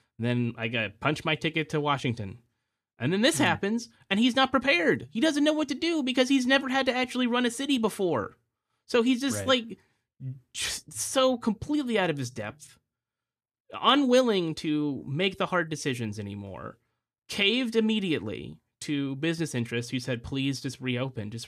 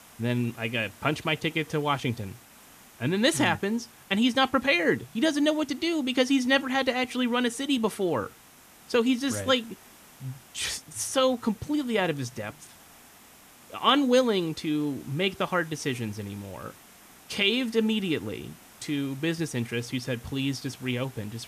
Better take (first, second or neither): first